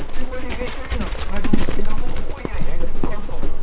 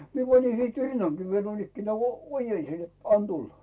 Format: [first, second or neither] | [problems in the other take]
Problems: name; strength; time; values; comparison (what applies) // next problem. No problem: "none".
second | noise reduction (neural separator model SepFormer WHAM!)